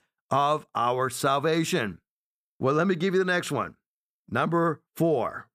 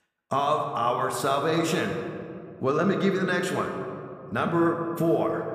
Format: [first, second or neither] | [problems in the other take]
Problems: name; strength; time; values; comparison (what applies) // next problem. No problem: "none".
first | room echo; slight; dies away in 1.8 s